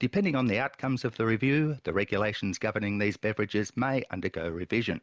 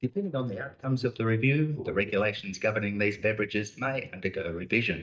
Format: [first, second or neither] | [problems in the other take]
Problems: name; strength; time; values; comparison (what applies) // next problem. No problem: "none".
first | noise reduction (neural mask model DeepFilterNet 3)